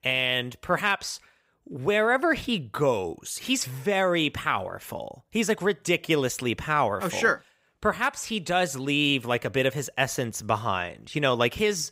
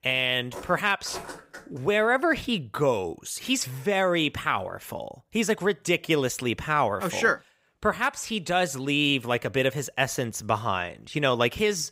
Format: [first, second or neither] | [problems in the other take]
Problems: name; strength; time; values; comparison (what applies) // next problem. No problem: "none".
first | footsteps; faint; from 0.5 to 2 s; peak 15 dB below the speech